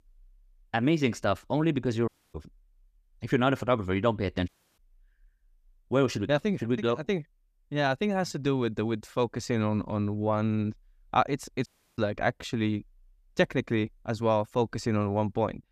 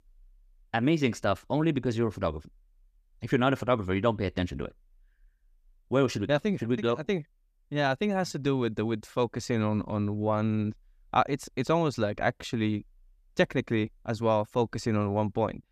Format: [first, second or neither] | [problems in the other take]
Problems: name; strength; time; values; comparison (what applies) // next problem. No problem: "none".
second | audio cutting out; at 2 s, at 4.5 s and at 12 s